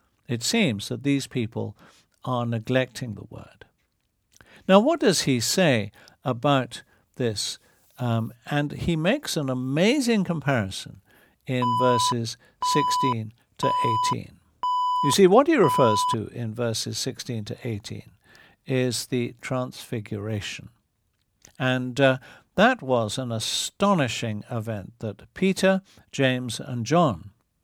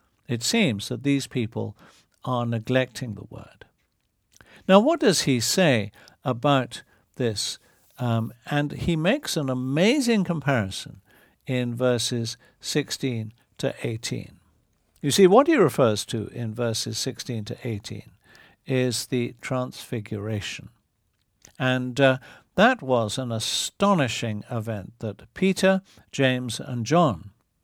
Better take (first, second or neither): second